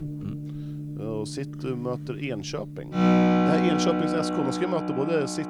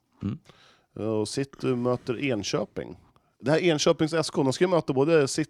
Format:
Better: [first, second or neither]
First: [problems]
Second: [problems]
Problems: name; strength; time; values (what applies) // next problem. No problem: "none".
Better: second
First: background music; very loud; throughout; 4 dB above the speech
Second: none